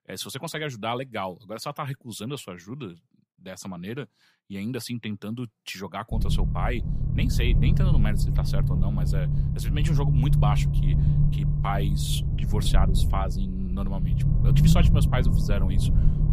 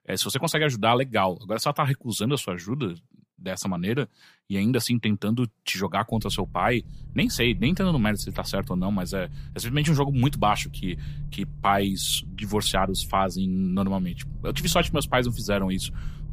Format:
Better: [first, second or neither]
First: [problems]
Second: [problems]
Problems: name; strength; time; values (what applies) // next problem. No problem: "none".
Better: second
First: low rumble; loud; from 6 s on; 2 dB below the speech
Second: low rumble; faint; from 6 s on; 25 dB below the speech